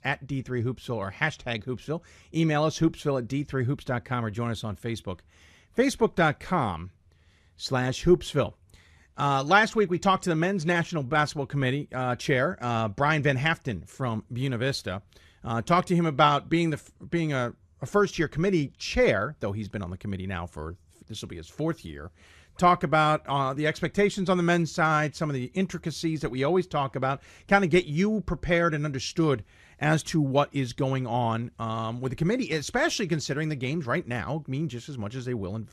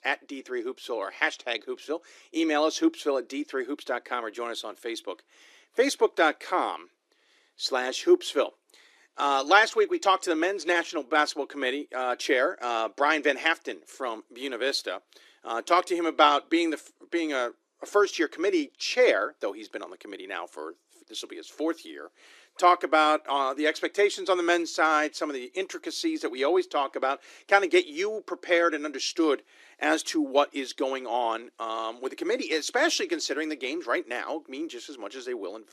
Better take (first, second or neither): first